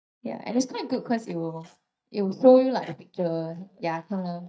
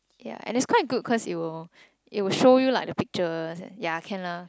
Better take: second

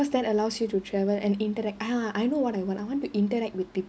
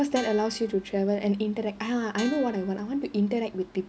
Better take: first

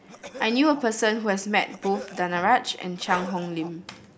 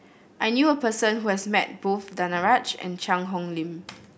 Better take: second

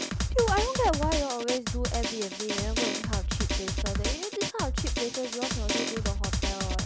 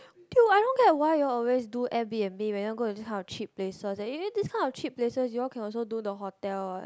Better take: second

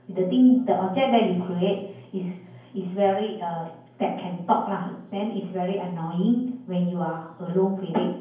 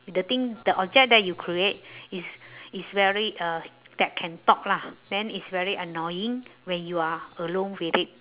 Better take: second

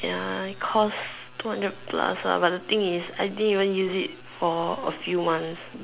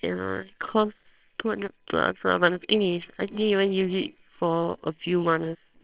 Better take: first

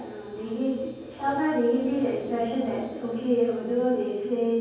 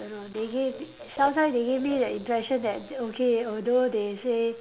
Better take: second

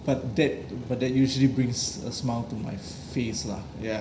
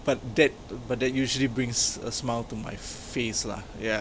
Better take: second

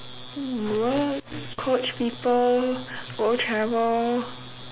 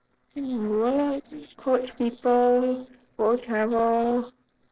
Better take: first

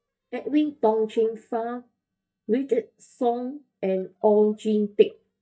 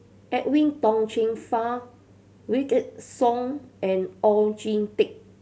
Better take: second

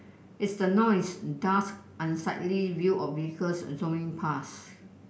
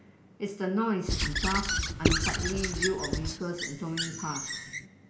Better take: first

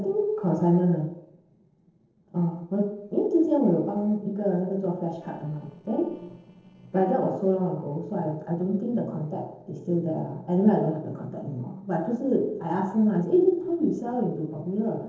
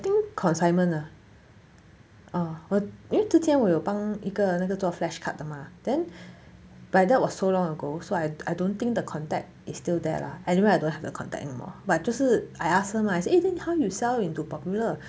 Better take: second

